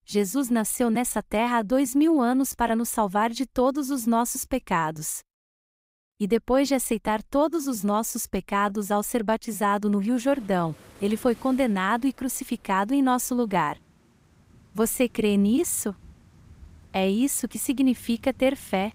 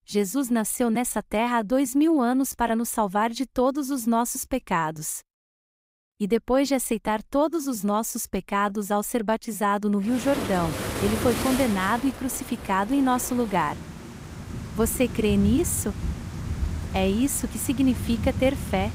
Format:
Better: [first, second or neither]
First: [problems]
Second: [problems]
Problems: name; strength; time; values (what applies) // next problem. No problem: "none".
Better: first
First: rain or running water; faint; from 10 s on; 30 dB below the speech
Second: rain or running water; loud; from 10 s on; 8 dB below the speech